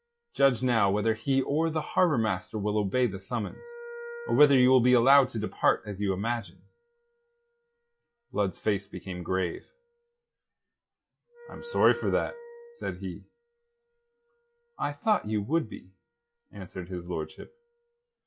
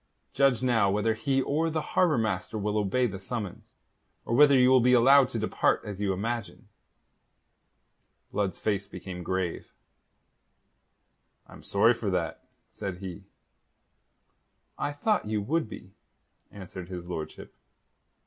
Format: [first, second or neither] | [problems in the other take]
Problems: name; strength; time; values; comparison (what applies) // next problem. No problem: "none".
second | noise reduction (classical method log-MMSE)